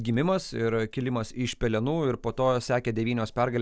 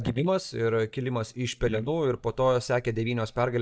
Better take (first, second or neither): first